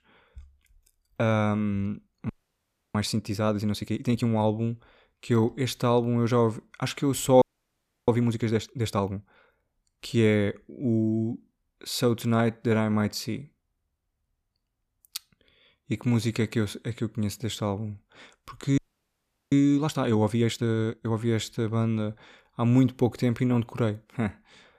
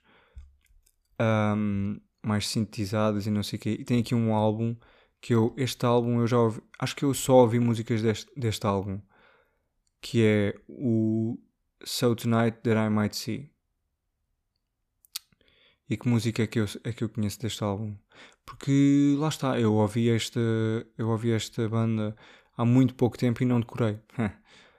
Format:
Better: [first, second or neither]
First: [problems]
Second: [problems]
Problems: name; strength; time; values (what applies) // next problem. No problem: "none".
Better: second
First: audio freezing; at 2.5 s for 0.5 s, at 7.5 s for 0.5 s and at 19 s for 0.5 s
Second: none